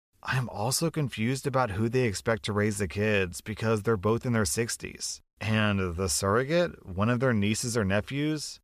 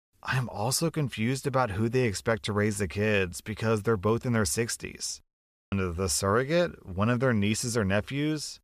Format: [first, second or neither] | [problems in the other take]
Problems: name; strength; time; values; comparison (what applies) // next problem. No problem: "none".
first | audio cutting out; at 5.5 s